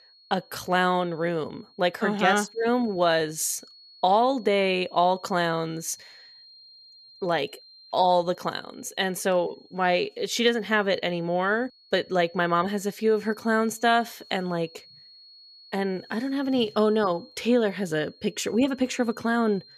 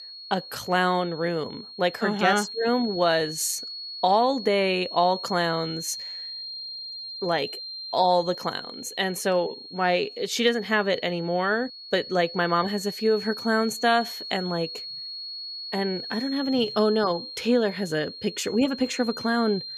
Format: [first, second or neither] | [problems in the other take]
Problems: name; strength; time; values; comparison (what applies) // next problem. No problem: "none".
first | high-pitched whine; loud; throughout; 4.5 kHz, 10 dB below the speech; faint in the first